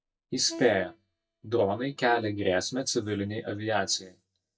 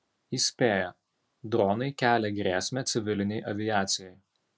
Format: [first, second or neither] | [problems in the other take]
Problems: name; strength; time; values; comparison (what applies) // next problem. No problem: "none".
second | noise reduction (neural mask model DeepFilterNet 3)